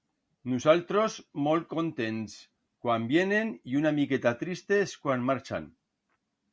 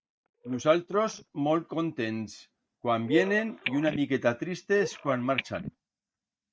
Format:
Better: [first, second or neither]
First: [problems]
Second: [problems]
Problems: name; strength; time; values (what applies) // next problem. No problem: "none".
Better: first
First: none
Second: noise reduction (neural mask model DeepFilterNet 3)